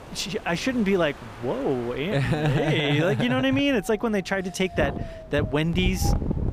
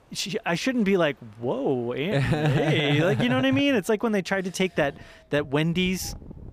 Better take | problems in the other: second | wind in the background; loud; throughout; 9 dB below the speech; faint in the second

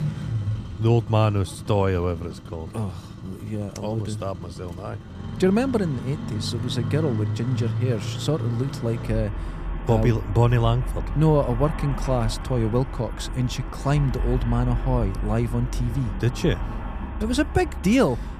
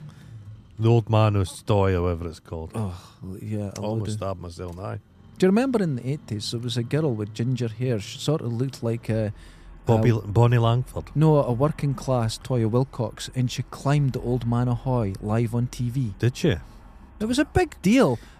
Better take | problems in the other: second | traffic noise; loud; throughout; 7 dB below the speech; faint in the second

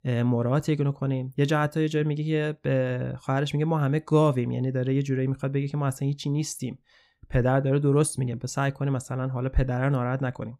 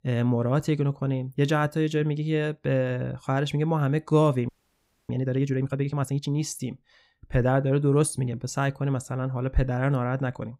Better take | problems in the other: first | audio freezing; at 4.5 s for 0.5 s

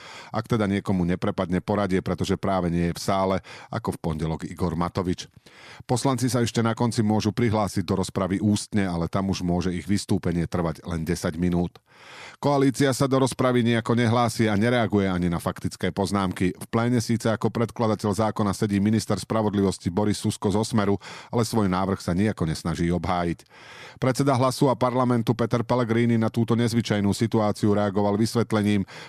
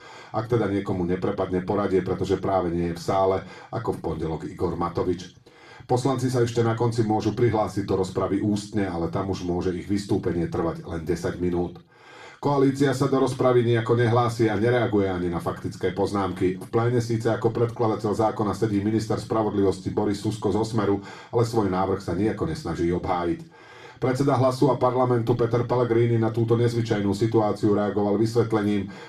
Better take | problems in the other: first | room echo; slight; dies away in 0.3 s // off-mic speech; far

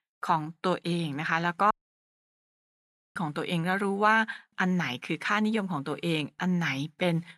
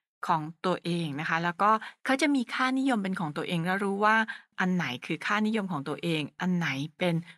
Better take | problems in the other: second | audio cutting out; at 1.5 s for 1.5 s

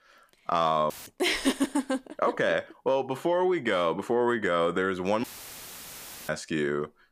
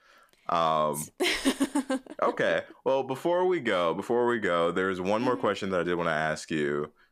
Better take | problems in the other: second | audio cutting out; filled with static; at 1 s and at 5 s for 1 s

